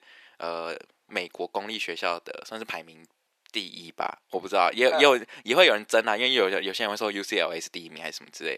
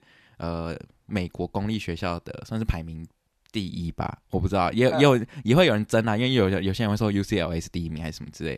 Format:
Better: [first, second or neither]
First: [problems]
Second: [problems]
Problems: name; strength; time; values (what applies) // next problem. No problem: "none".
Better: second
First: thin; very; fading below 400 Hz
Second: none